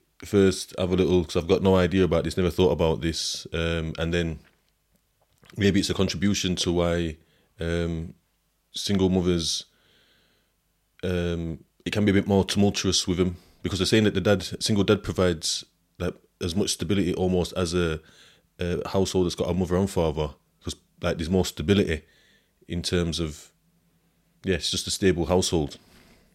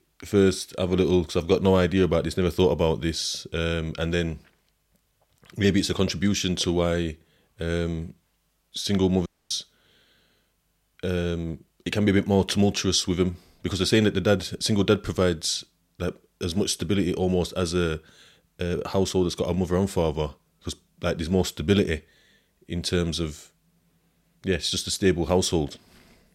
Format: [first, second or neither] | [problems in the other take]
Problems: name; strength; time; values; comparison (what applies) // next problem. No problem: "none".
first | audio cutting out; at 9.5 s